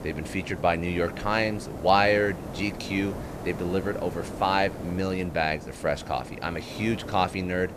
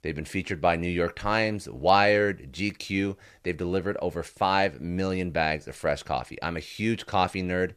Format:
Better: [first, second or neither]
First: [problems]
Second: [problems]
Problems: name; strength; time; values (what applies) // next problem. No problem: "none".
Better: second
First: hiss; noticeable; throughout; 10 dB below the speech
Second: none